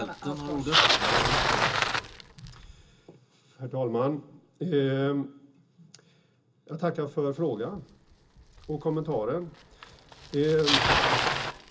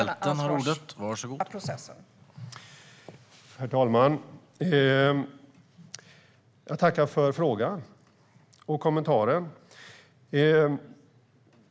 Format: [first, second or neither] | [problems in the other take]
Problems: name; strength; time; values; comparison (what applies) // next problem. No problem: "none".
second | background sound (Bicycle); 1 dB above the speech // room echo; dies away in 0.2 s